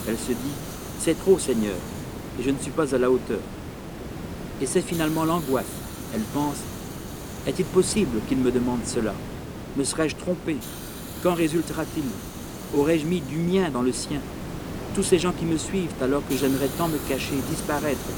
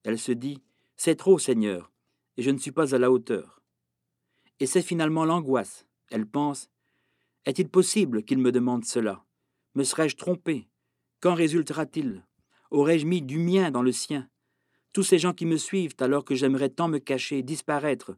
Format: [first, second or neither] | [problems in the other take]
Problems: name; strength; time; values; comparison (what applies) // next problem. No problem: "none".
second | hiss; loud; throughout; 9 dB below the speech